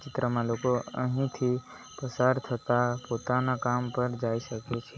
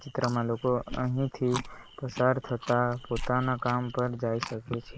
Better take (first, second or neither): first